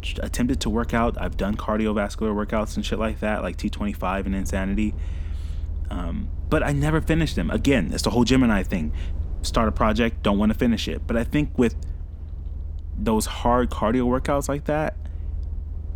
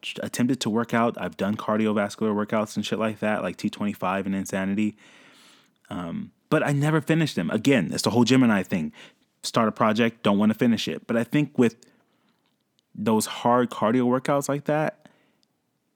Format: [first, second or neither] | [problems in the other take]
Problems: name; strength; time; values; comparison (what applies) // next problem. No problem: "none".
second | low rumble; faint; throughout; 25 dB below the speech